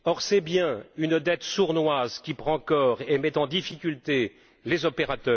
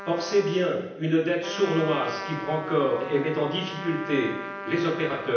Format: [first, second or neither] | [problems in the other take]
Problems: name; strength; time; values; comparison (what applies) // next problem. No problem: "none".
first | background sound (Trumpet); 11 dB below the speech // room echo; dies away in 0.9 s